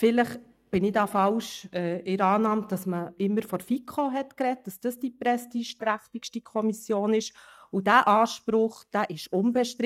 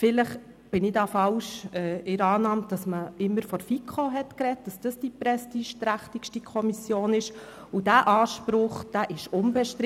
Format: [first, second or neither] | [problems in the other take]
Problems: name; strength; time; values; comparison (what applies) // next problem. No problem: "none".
second | noise reduction (neural mask model DeepFilterNet 3)